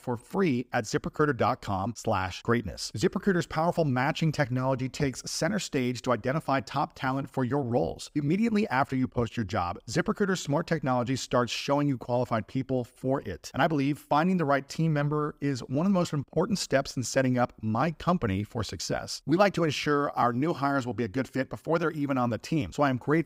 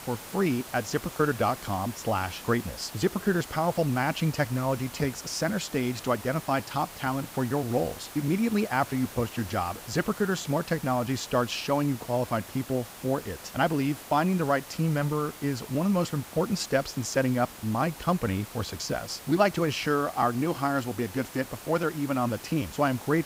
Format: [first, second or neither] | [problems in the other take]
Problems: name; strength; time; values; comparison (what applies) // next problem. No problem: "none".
first | hiss; noticeable; throughout; 15 dB below the speech